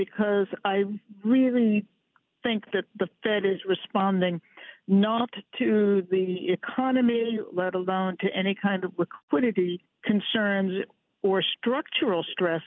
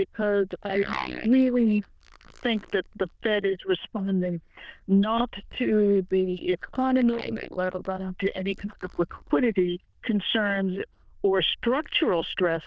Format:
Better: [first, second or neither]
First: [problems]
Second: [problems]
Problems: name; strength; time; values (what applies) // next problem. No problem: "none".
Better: first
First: none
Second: noise reduction (neural diffusion model UNIVERSE++)